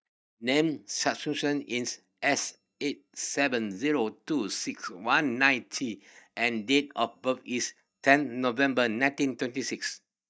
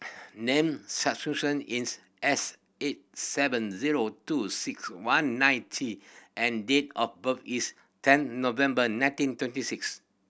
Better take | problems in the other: second | noise reduction (neural mask model DeepFilterNet 3)

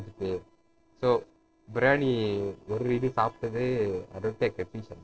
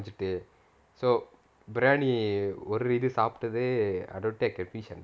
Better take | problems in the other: second | noise reduction (neural separator model SepFormer DNS4)

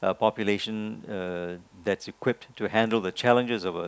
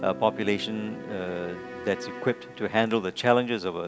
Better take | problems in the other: first | background sound (Bowed string instrument + Guitar); 13 dB below the speech

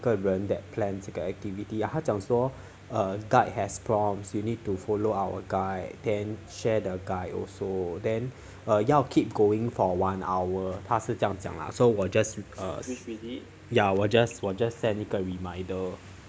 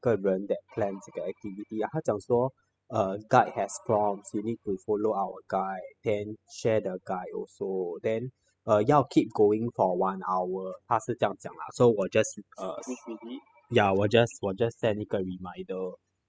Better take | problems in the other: first | noise reduction (classical method spectral subtraction)

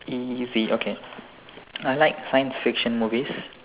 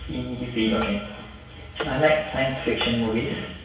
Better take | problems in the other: first | background sound (Clock); 16 dB below the speech // room echo; dies away in 0.6 s

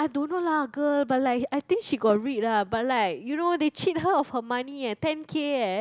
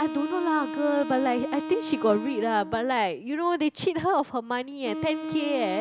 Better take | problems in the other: first | background sound (Wind instrument, woodwind instrument); 9 dB below the speech

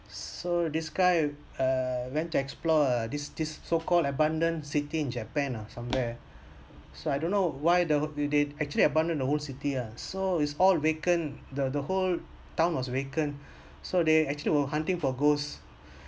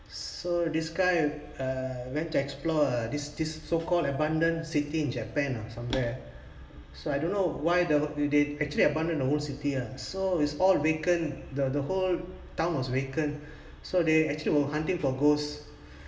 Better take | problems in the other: first | room echo; dies away in 1.5 s

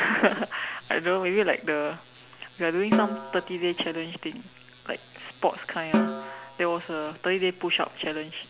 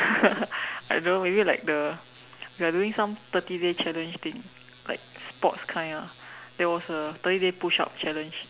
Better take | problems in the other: second | background sound (Snare drum); 4 dB below the speech

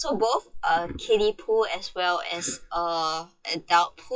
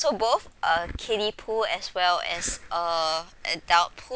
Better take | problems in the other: second | noise reduction (classical method WPE with log-MMSE)

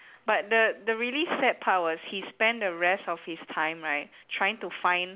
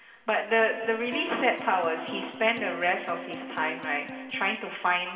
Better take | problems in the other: first | background sound (Electric guitar); 12 dB below the speech // room echo; dies away in 2 s

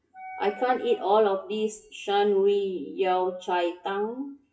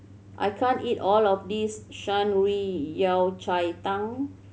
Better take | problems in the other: second | noise reduction (classical method WPE with log-MMSE)

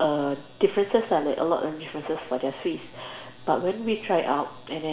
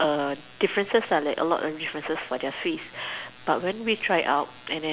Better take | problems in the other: second | room echo; dies away in 1.3 s

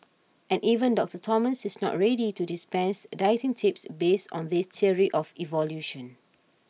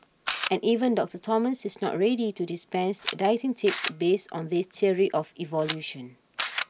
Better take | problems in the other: first | background sound (Camera); 11 dB below the speech

